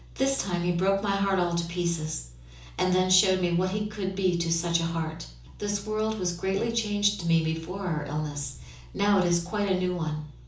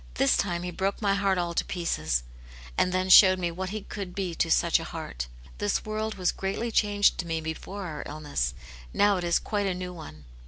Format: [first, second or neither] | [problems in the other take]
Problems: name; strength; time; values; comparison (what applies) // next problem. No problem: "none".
second | room echo; dies away in 0.7 s